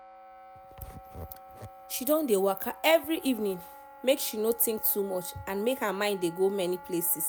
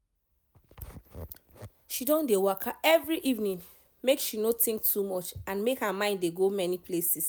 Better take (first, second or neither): second